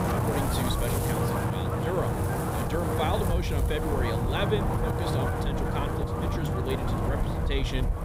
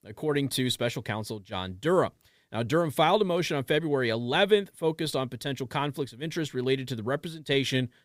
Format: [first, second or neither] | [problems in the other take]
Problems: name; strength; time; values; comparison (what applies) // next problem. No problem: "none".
second | wind noise on the microphone; heavy; 2 dB above the speech